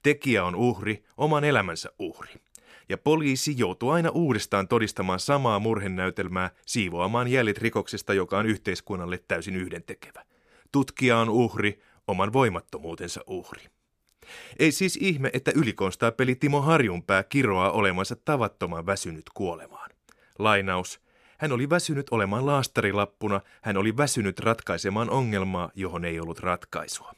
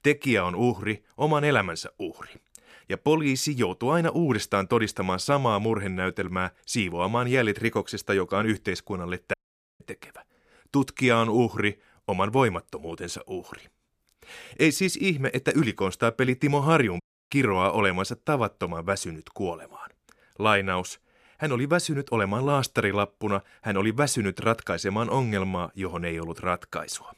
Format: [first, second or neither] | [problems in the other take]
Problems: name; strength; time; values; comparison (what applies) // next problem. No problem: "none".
first | audio cutting out; at 9.5 s and at 17 s